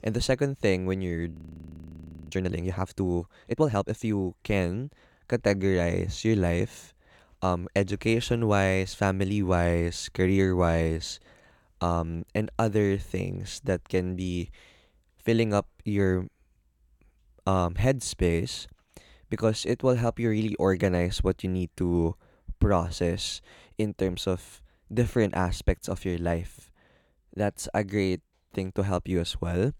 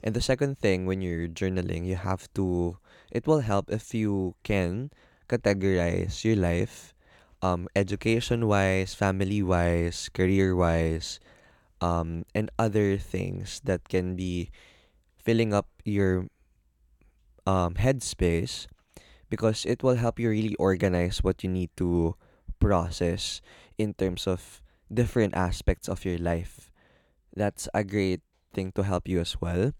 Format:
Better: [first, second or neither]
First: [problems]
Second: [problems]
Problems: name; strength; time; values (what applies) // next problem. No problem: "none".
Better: second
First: audio freezing; at 1.5 s for 1 s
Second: none